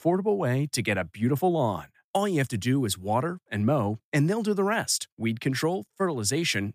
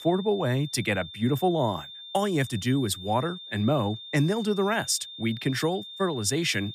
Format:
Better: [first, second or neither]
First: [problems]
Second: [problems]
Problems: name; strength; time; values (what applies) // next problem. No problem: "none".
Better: first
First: none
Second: high-pitched whine; noticeable; throughout; 3.5 kHz, 15 dB below the speech